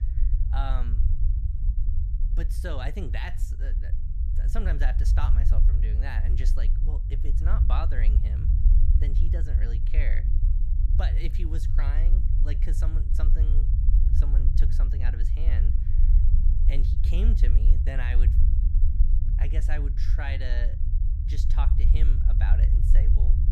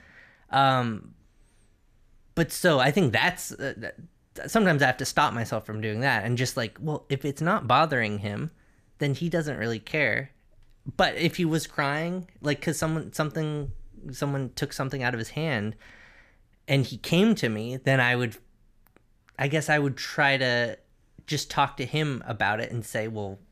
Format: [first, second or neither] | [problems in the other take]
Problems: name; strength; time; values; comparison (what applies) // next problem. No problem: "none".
second | low rumble; loud; throughout; 5 dB below the speech